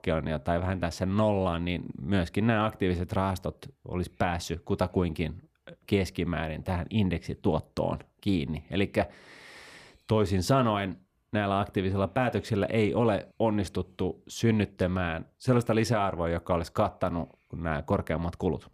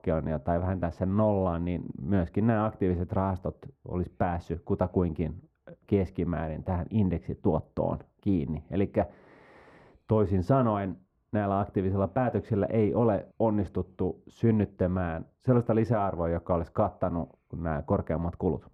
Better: first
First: none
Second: muffled; very; fading above 2 kHz

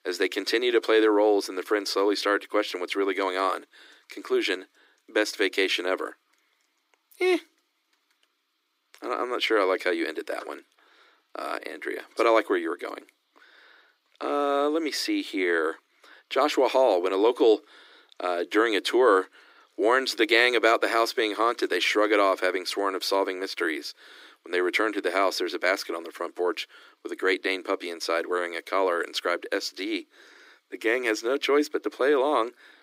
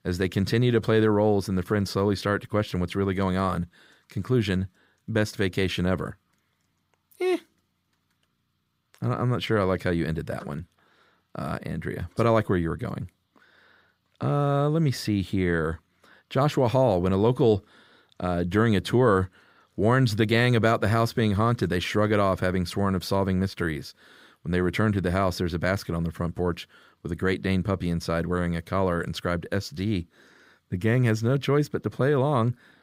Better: second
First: thin; very; fading below 300 Hz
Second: none

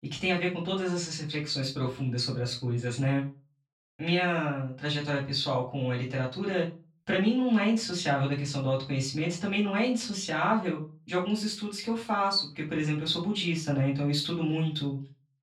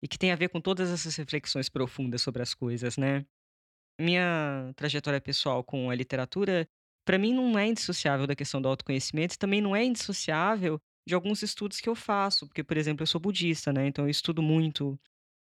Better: second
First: off-mic speech; far // room echo; slight; dies away in 0.3 s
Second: none

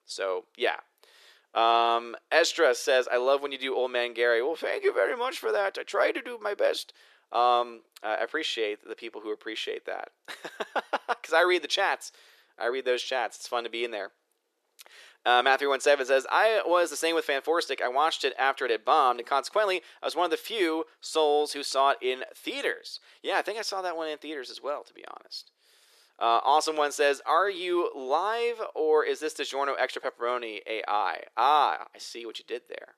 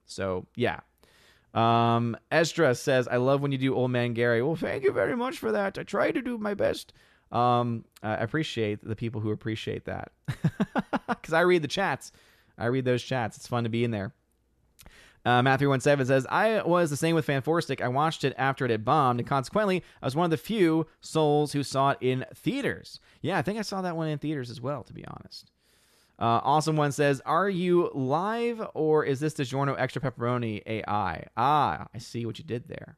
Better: second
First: thin; very; fading below 400 Hz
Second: none

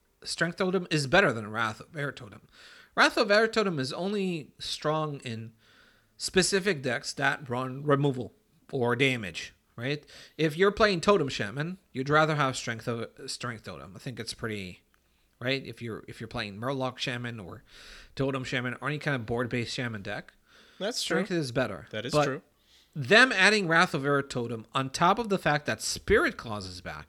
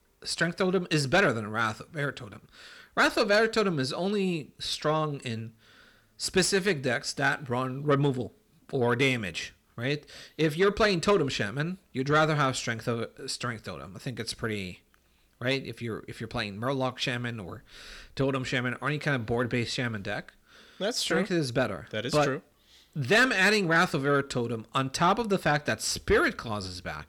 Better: first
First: none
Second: distortion; slight; 10 dB below the speech

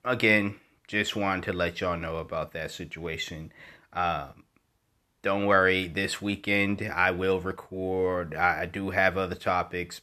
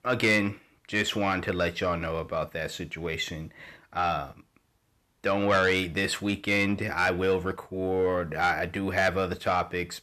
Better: first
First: none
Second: distortion; slight; 10 dB below the speech

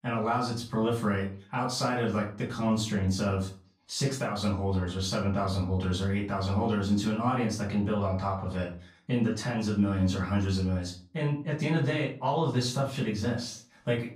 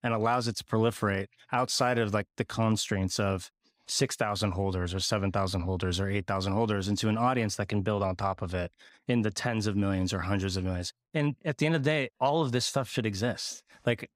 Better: second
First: off-mic speech; far // room echo; slight; dies away in 0.4 s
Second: none

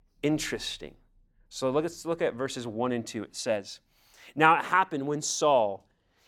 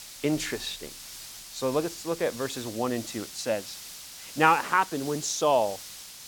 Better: first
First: none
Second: hiss; noticeable; throughout; 10 dB below the speech

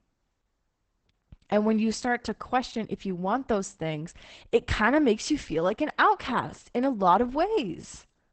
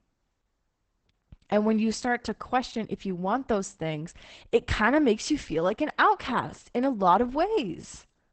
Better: neither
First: garbled, watery; badly; nothing above 8 kHz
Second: garbled, watery; badly; nothing above 8 kHz

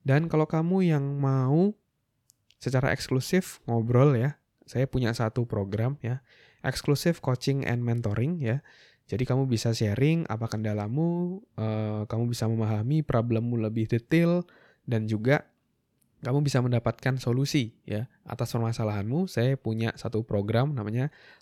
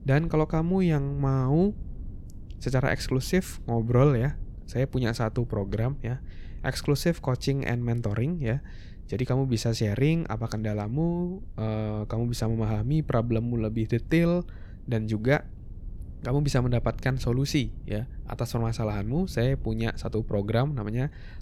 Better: first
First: none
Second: low rumble; faint; throughout; 25 dB below the speech

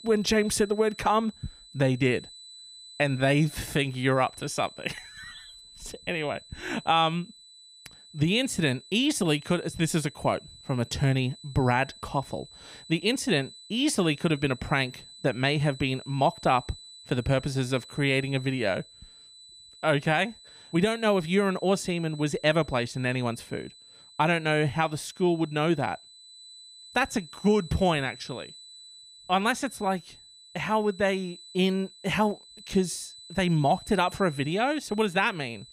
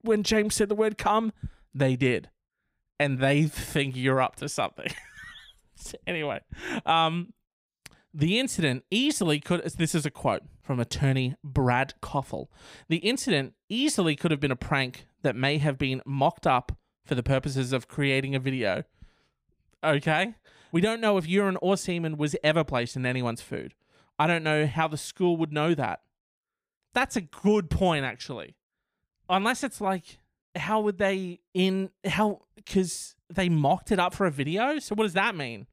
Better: second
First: high-pitched whine; noticeable; throughout; 4 kHz, 20 dB below the speech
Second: none

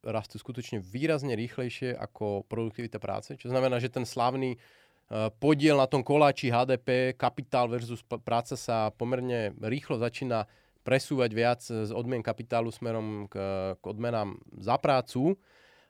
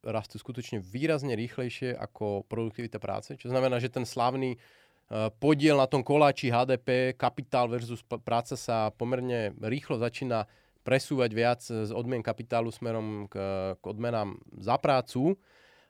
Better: neither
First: none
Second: none

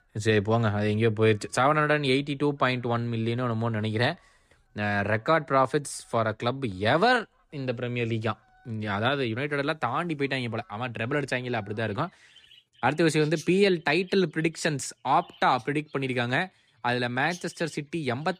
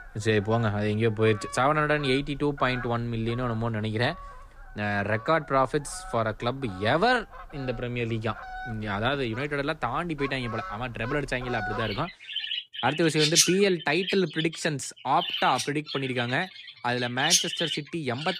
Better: first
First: animal sounds; faint; throughout; 25 dB below the speech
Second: animal sounds; loud; throughout; 3 dB below the speech

